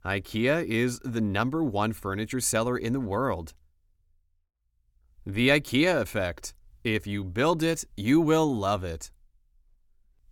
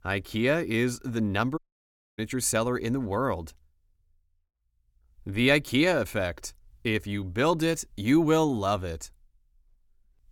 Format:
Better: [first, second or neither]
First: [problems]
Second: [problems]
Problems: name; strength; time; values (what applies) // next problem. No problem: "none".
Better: first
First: none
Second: audio cutting out; at 1.5 s for 0.5 s